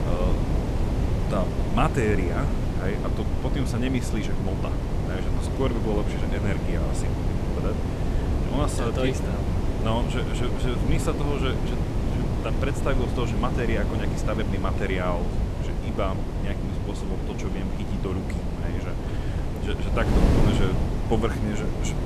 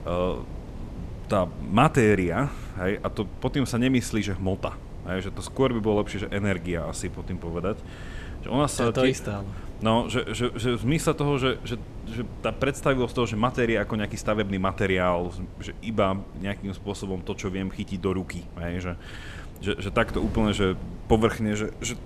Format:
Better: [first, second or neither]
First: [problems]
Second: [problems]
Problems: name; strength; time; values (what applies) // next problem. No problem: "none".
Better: second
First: wind noise on the microphone; heavy; 2 dB below the speech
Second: wind noise on the microphone; occasional gusts; 20 dB below the speech